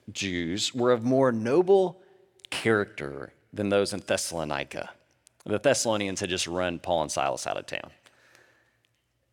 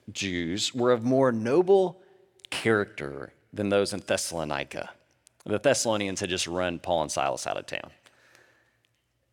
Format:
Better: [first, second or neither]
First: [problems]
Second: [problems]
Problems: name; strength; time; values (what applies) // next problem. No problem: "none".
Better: neither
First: none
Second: none